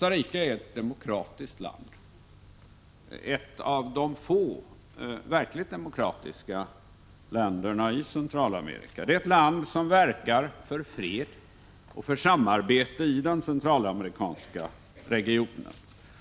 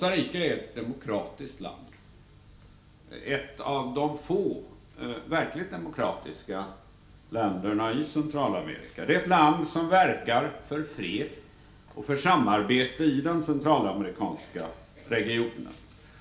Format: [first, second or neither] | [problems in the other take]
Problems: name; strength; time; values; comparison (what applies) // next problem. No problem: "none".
first | room echo; dies away in 0.4 s